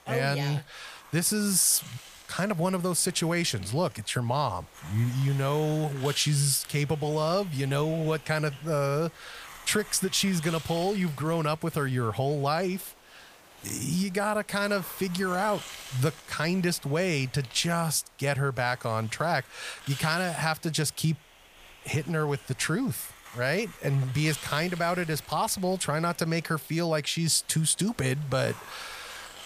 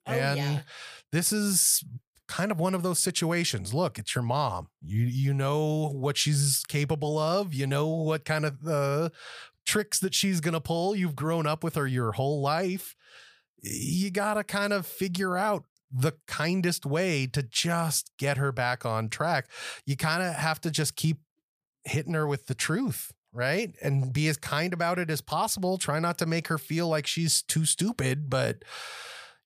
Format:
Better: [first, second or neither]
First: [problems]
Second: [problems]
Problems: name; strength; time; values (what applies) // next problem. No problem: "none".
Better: second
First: hiss; noticeable; throughout; 20 dB below the speech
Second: none